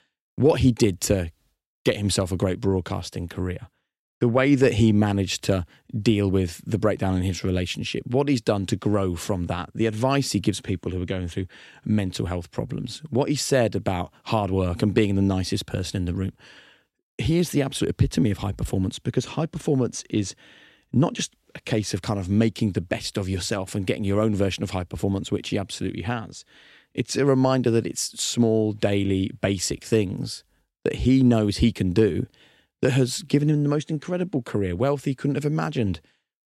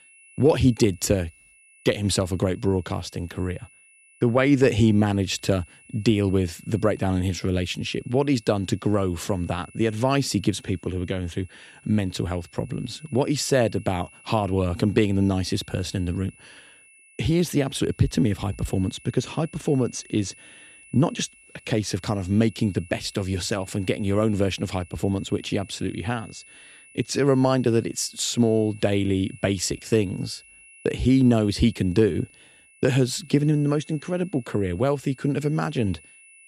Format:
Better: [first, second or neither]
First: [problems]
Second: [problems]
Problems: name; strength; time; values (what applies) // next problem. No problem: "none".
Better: first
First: none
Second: high-pitched whine; faint; throughout; 2.5 kHz, 25 dB below the speech